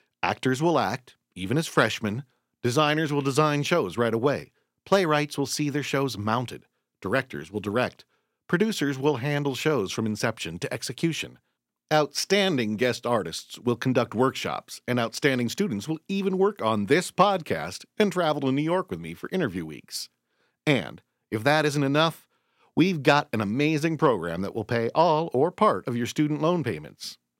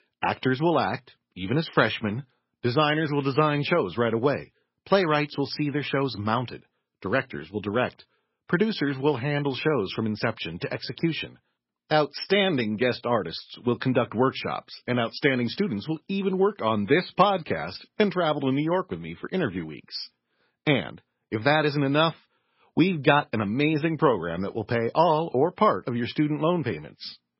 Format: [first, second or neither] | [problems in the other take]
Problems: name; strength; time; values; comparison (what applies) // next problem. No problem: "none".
first | garbled, watery; badly; nothing above 5.5 kHz